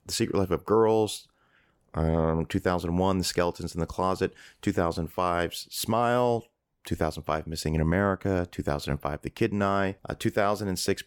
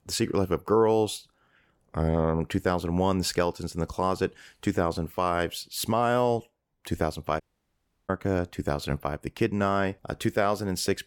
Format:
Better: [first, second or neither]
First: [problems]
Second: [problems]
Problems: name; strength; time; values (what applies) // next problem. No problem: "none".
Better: first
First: none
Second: audio cutting out; at 7.5 s for 0.5 s